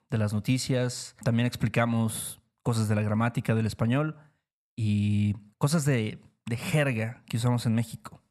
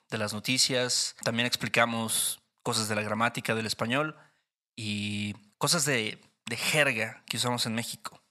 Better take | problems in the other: first | thin; somewhat; fading below 800 Hz

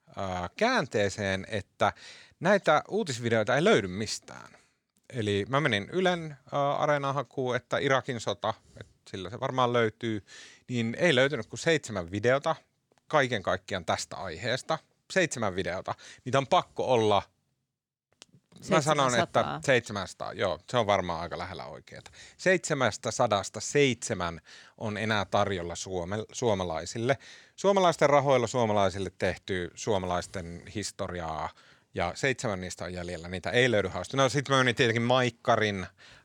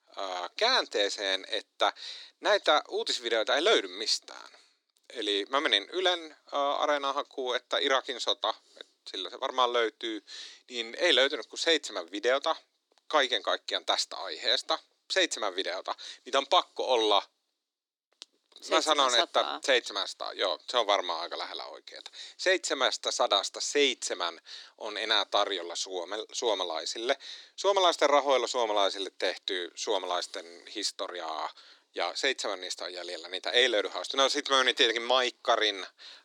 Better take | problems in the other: first | thin; somewhat; fading below 300 Hz

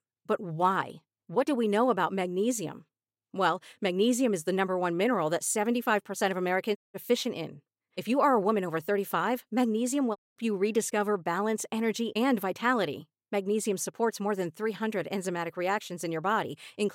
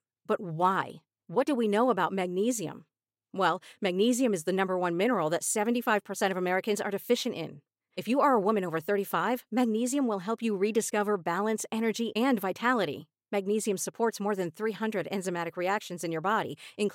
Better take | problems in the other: second | audio cutting out; at 7 s and at 10 s

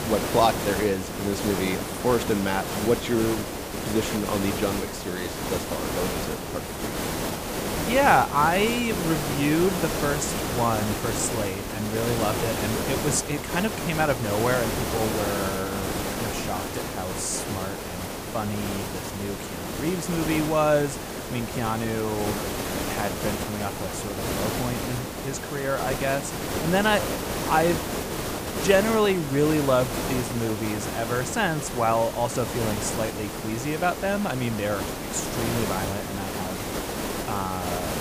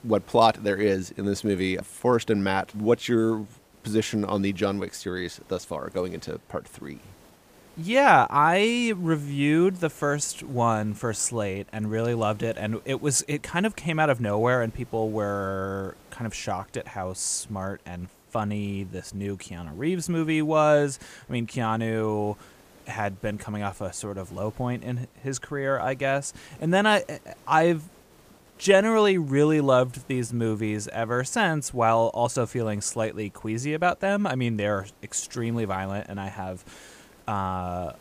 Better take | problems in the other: second | hiss; loud; throughout; 3 dB below the speech; faint in the second

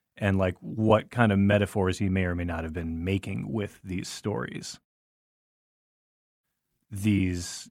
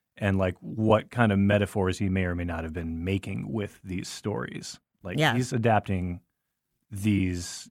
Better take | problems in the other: second | audio cutting out; at 5 s for 1.5 s

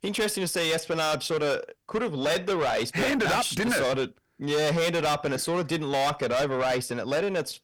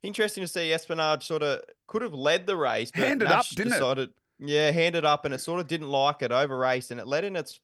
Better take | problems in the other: second | distortion; heavy; 6 dB below the speech

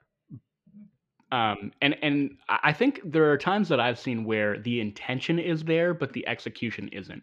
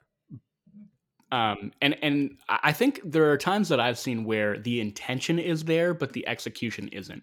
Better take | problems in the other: second | muffled; slightly; fading above 3 kHz

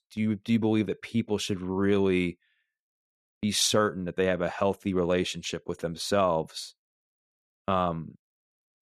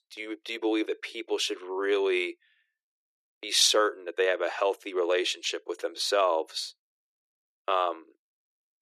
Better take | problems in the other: first | thin; very; fading below 350 Hz

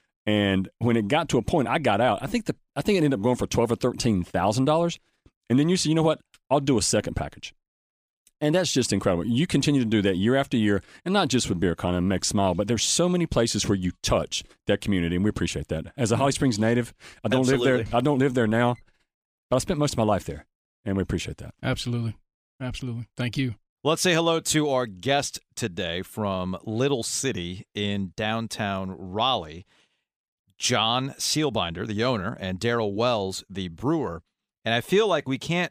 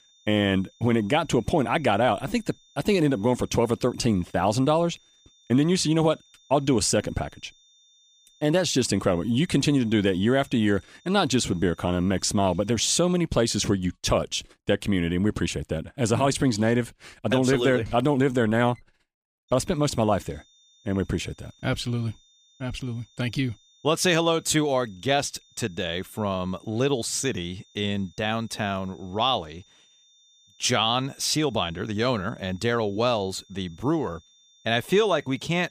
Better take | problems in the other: first | high-pitched whine; faint; until 13 s and from 19 s on; 3.5 kHz, 30 dB below the speech

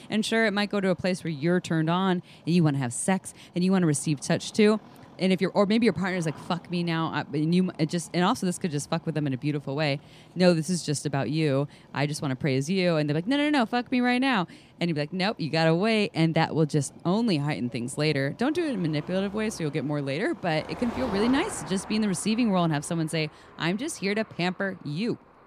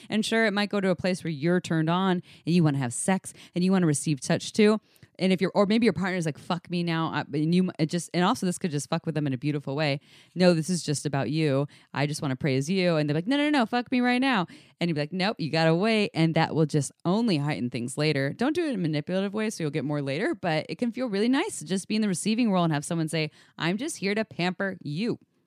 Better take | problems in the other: second | traffic noise; faint; throughout; 20 dB below the speech

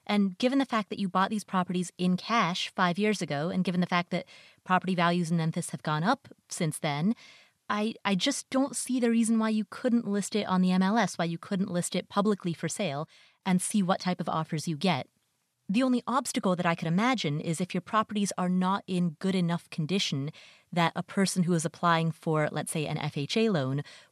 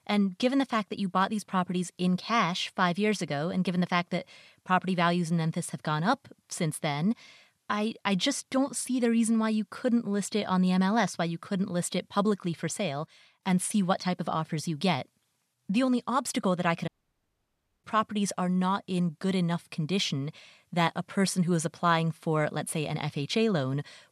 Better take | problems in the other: first | audio cutting out; at 17 s for 1 s

